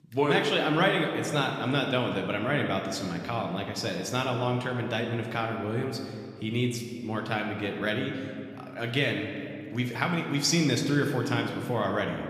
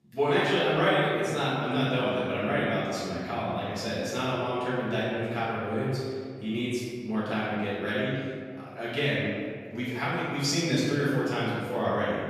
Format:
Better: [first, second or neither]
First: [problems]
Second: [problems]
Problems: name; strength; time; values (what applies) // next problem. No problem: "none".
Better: first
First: room echo; slight; dies away in 1.9 s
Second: room echo; strong; dies away in 1.9 s // off-mic speech; far